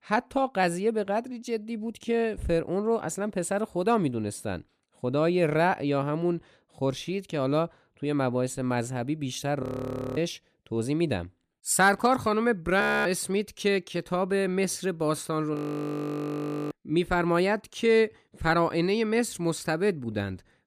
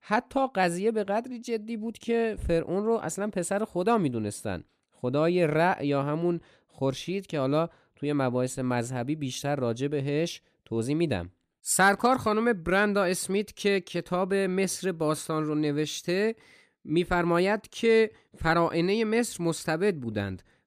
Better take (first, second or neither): second